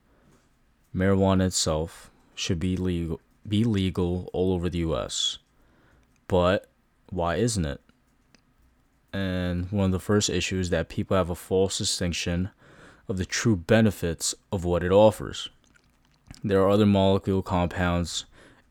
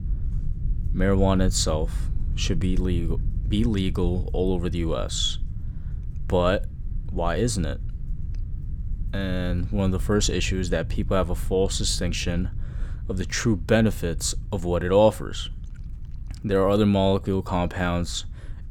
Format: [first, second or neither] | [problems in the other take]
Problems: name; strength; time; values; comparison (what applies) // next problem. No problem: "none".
first | low rumble; faint; throughout; 25 dB below the speech